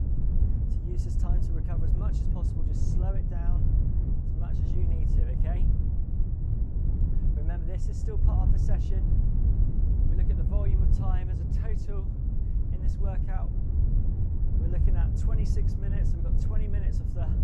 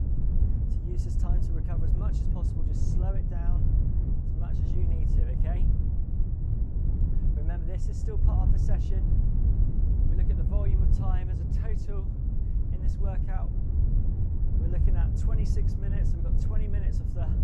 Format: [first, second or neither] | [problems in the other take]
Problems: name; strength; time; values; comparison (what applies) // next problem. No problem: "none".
neither | wind noise on the microphone; heavy; 3 dB above the speech; the same in both